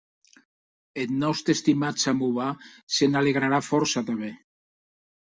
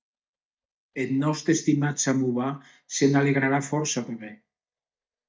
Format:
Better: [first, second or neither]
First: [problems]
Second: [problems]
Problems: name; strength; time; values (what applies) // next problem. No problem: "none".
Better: first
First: none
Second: noise reduction (neural mask model DeepFilterNet 3)